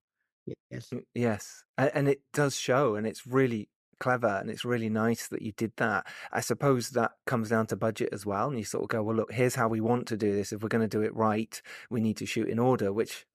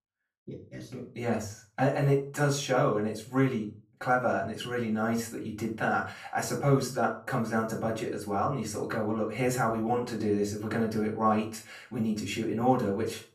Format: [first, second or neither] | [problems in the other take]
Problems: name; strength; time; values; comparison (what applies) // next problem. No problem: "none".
first | off-mic speech; far // room echo; slight; dies away in 0.3 s